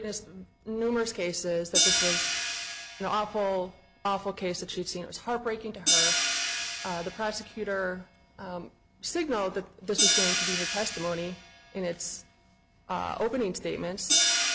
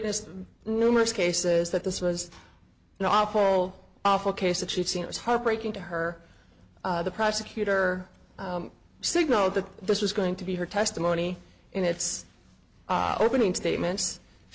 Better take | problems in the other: second | background sound (Hi-hat); 1 dB above the speech

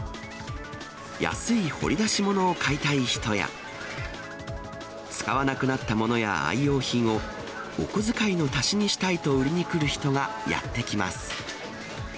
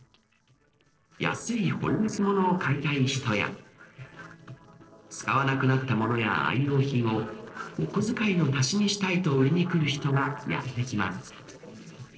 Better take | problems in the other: first | noise reduction (neural separator model SepFormer DNS4)

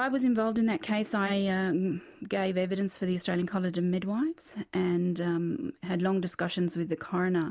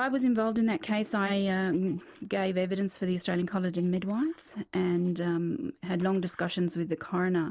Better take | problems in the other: first | noise reduction (neural separator model SepFormer DNS4)

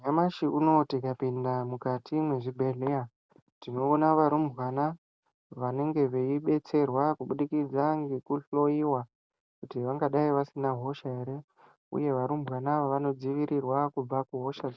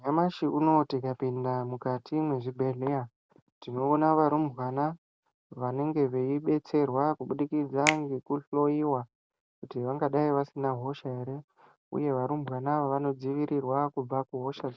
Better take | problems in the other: first | background sound (Finger snapping); 9 dB below the speech

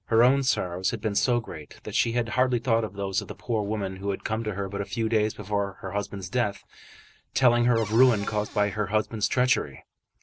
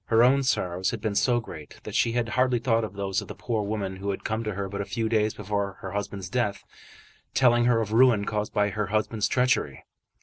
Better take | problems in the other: second | background sound (Cupboard open or close / Door); 16 dB below the speech

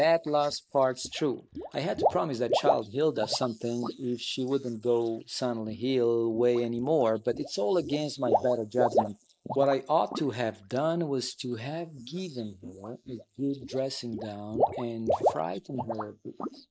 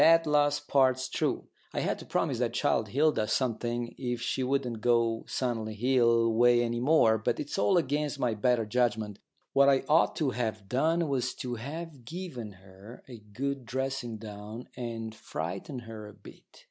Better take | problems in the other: second | noise reduction (neural mask model Resemble Enhance denoiser)

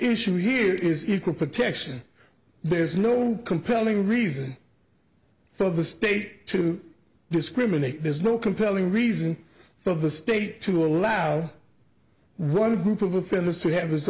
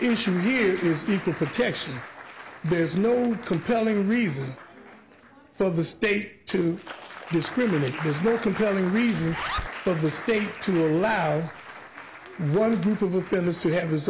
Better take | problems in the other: first | background sound (Zipper (clothing) + Applause); 14 dB below the speech

